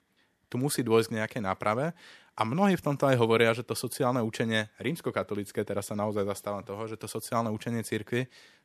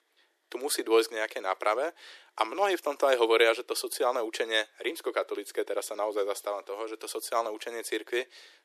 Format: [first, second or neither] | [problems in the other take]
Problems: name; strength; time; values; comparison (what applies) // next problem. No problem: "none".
first | thin; very; fading below 350 Hz